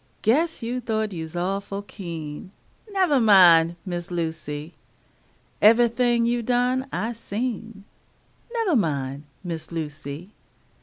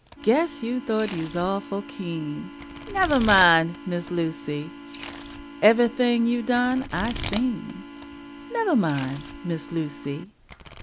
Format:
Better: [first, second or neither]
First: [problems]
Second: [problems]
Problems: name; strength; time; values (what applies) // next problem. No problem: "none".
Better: first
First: none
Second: background sound (Organ + Domestic sounds, home sounds); 13 dB below the speech